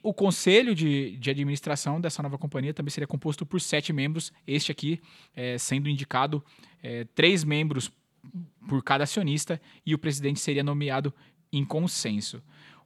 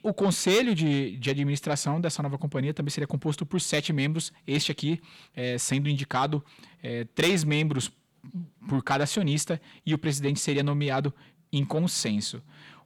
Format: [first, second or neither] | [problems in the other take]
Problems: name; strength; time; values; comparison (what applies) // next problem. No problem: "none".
first | distortion; slight; 10 dB below the speech